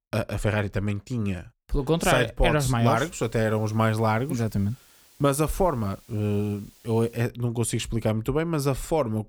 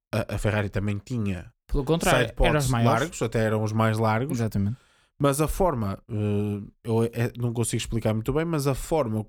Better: second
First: hiss; faint; from 3 to 7 s; 30 dB below the speech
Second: none

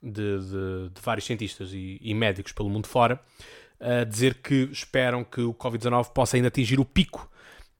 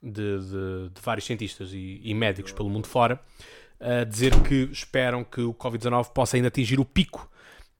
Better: first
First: none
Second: door banging; loud; at 4.5 s; peak 1 dB above the speech

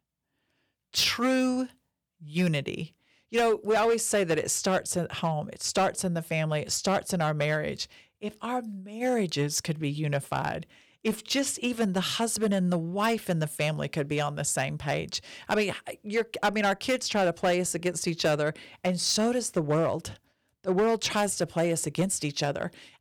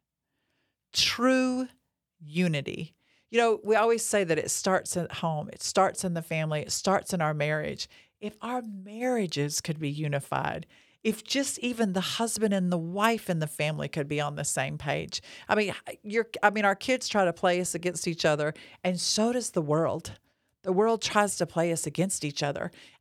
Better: second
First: distortion; slight; 4% of the sound clipped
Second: none

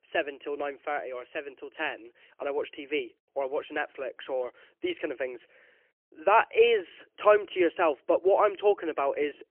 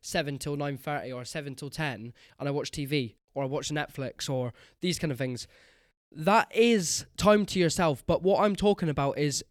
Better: second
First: phone-call audio; poor line; nothing above 3 kHz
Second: none

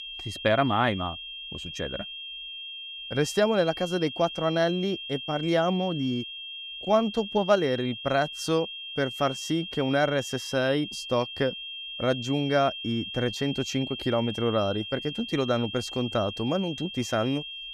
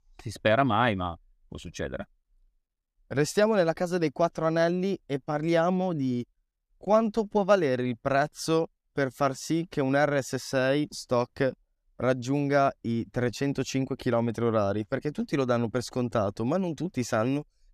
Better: second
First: high-pitched whine; loud; throughout; 3 kHz, 8 dB below the speech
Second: none

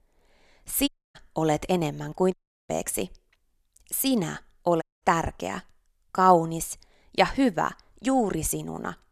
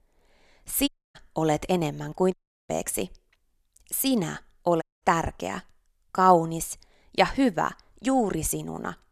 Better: neither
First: audio cutting out; at 1 s, at 2.5 s and at 5 s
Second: audio cutting out; at 1 s, at 2.5 s and at 5 s

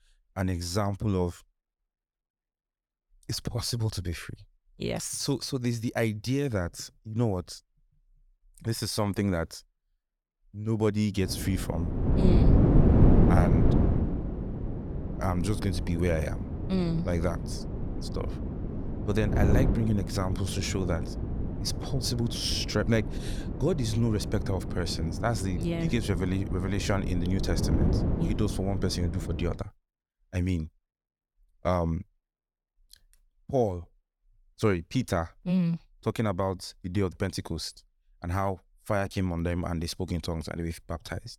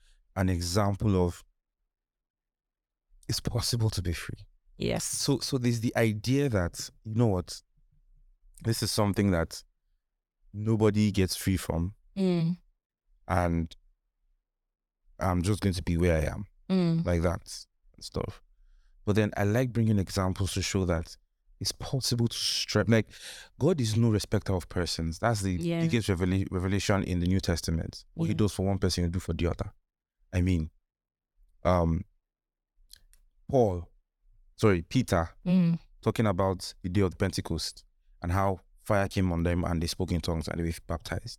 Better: second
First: wind noise on the microphone; heavy; from 11 to 30 s; 4 dB below the speech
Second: none

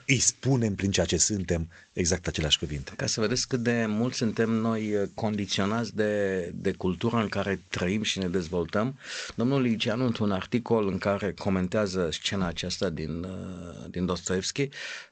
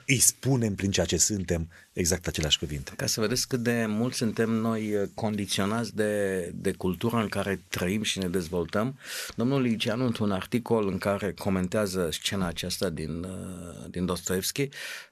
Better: second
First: garbled, watery; slightly; nothing above 7.5 kHz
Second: none

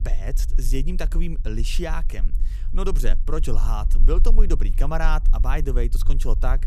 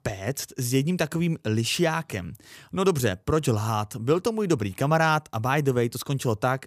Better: second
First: low rumble; noticeable; throughout; 20 dB below the speech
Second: none

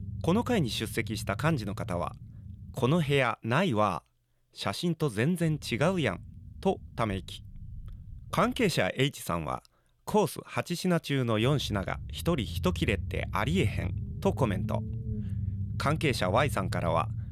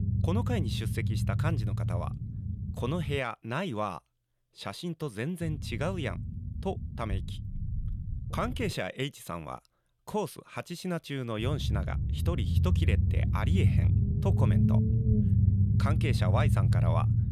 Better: first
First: low rumble; faint; until 3 s, from 5.5 to 8.5 s and from 11 s on; 20 dB below the speech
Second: low rumble; loud; until 3 s, from 5.5 to 8.5 s and from 11 s on; 5 dB below the speech

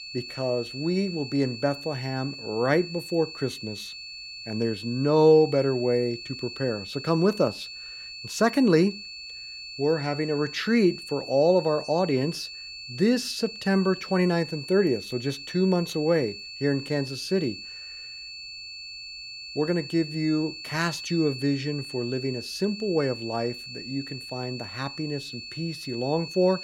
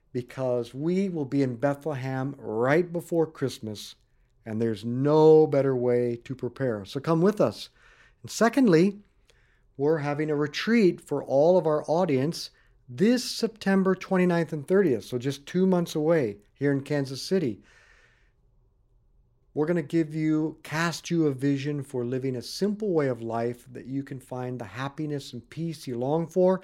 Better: second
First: high-pitched whine; noticeable; throughout; 4.5 kHz, 10 dB below the speech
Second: none

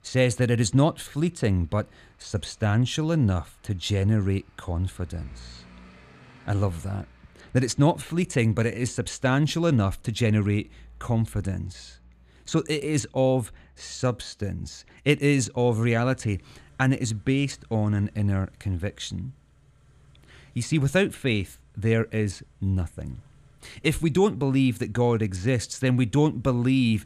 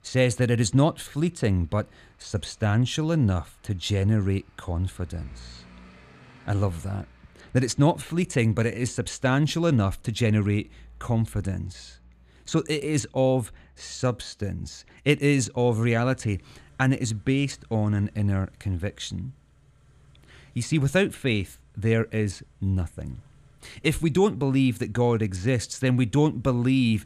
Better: neither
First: traffic noise; faint; throughout; 30 dB below the speech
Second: traffic noise; faint; throughout; 30 dB below the speech

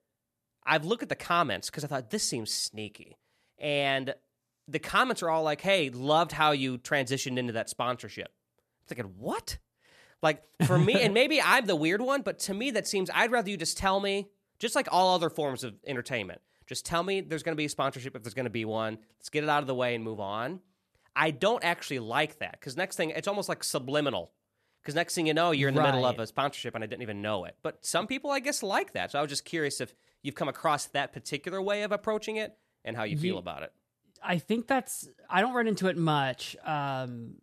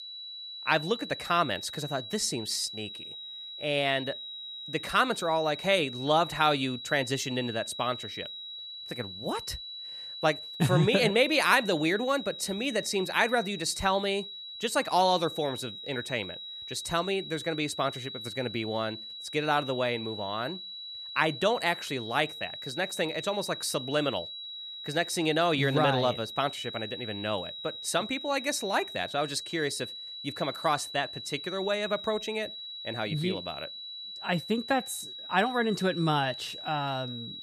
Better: first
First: none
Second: high-pitched whine; loud; throughout; 4 kHz, 9 dB below the speech

